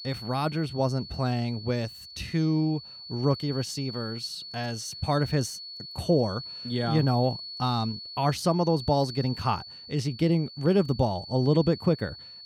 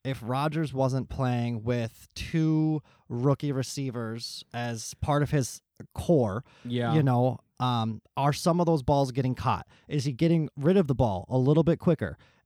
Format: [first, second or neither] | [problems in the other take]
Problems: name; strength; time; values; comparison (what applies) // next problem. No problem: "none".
second | high-pitched whine; noticeable; throughout; 4.5 kHz, 10 dB below the speech